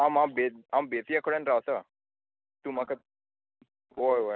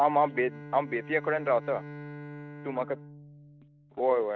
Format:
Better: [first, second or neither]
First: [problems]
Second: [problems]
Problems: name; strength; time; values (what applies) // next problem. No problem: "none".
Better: first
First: none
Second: noise reduction (neural mask model RNNoise)